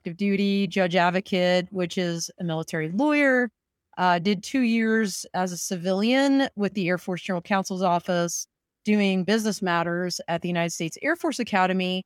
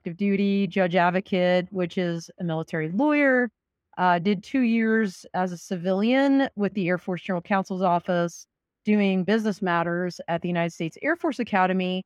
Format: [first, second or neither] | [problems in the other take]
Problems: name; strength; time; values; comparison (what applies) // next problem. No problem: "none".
first | muffled; slightly; fading above 4 kHz